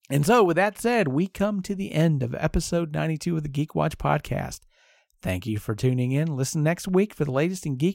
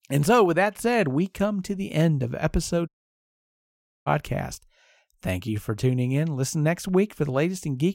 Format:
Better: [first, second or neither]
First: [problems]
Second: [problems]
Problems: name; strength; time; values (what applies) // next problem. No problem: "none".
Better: first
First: none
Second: audio cutting out; at 3 s for 1 s